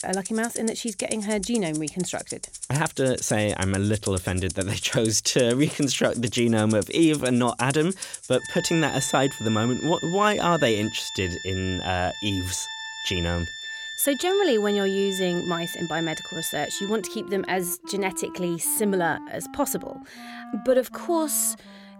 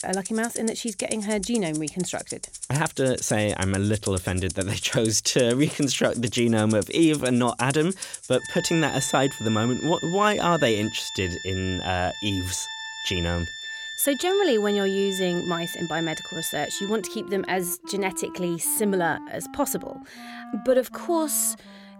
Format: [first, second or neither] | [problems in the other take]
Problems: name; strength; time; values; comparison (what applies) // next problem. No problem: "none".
neither | background music; loud; throughout; 10 dB below the speech; the same in both